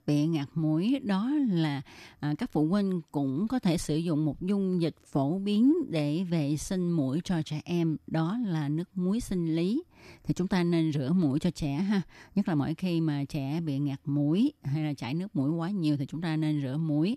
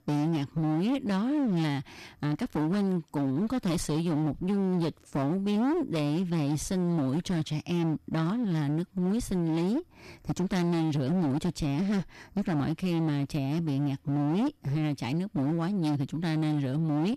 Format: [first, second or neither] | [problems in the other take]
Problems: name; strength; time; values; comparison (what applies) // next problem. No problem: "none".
first | distortion; slight; 29% of the sound clipped